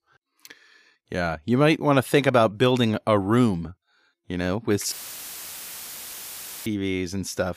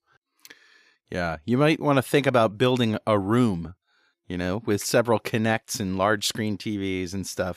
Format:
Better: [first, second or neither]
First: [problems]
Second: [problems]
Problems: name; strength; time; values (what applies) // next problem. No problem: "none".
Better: second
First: audio cutting out; filled with static; at 5 s for 1.5 s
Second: none